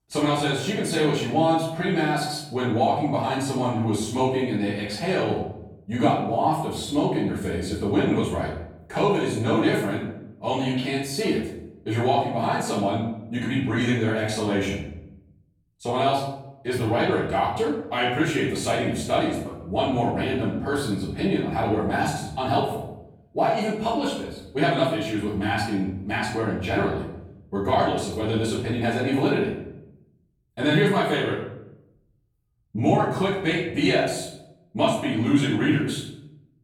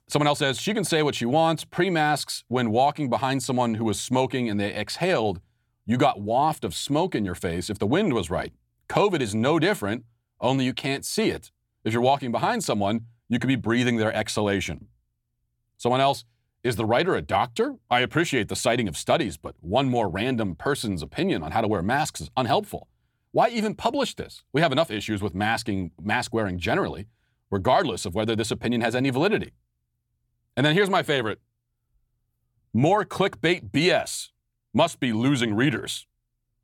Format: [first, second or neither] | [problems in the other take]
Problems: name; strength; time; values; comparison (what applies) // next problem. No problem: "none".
second | off-mic speech; far // room echo; noticeable; dies away in 0.7 s